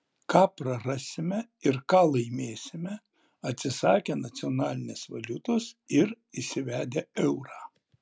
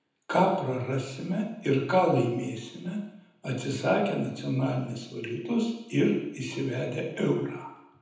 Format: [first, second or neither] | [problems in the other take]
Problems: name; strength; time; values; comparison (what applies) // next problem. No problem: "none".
first | room echo; dies away in 0.9 s